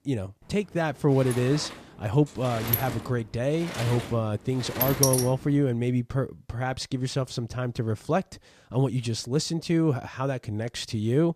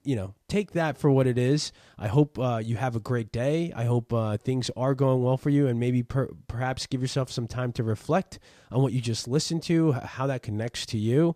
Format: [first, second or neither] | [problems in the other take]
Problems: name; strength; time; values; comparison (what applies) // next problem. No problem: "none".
second | door banging; loud; from 1.5 to 5 s; peak 4 dB above the speech